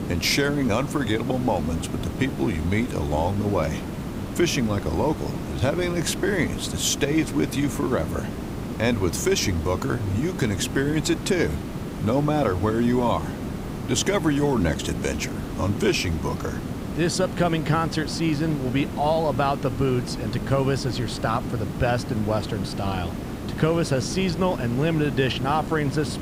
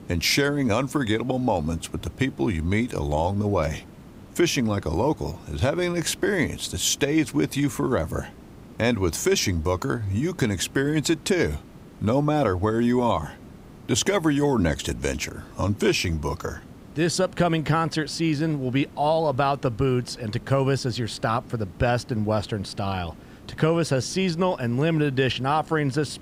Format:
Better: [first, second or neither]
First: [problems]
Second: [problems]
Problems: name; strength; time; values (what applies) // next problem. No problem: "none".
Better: second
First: hiss; loud; throughout; 7 dB below the speech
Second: hiss; faint; throughout; 20 dB below the speech